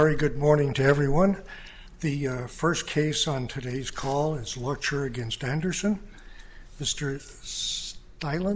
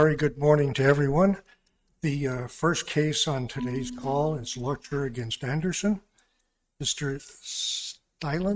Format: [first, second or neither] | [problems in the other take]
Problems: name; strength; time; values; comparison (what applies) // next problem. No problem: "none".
first | noise reduction (neural mask model RNNoise)